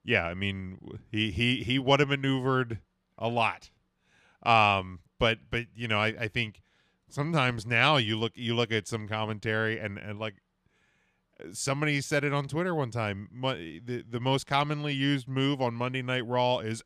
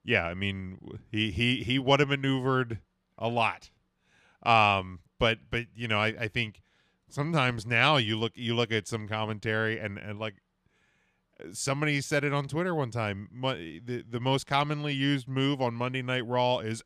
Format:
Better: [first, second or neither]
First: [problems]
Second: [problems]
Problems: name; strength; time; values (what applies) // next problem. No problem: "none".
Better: neither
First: none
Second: none